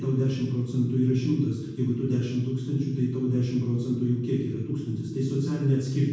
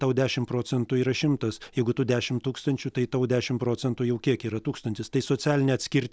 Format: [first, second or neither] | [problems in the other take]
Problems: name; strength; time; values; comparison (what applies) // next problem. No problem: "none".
second | room echo; dies away in 1.1 s